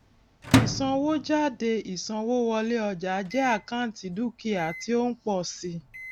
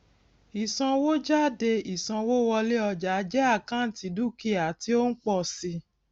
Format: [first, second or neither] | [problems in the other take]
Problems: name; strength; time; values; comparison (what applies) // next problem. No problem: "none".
second | background sound (Microwave oven); 5 dB below the speech